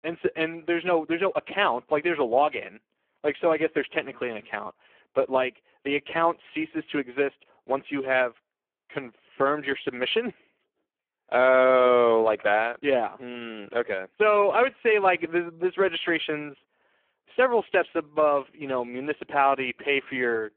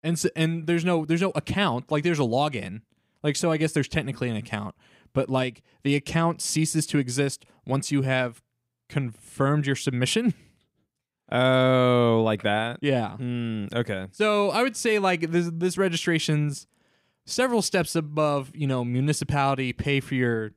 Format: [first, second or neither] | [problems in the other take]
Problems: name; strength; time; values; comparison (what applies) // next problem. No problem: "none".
second | phone-call audio; poor line